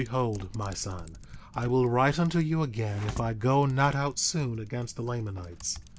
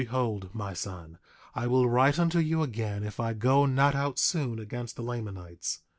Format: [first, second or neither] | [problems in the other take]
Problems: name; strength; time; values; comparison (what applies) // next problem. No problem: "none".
second | background sound (Typing); 16 dB below the speech